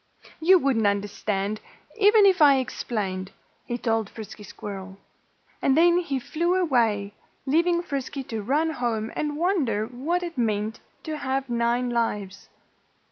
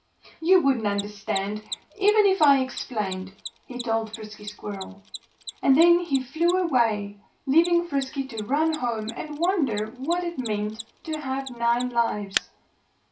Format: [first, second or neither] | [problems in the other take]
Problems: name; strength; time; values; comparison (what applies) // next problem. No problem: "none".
first | background sound (Mechanisms); 16 dB below the speech // room echo; dies away in 0.3 s